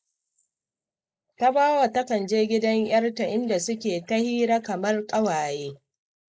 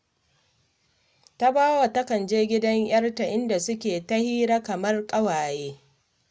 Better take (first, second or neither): second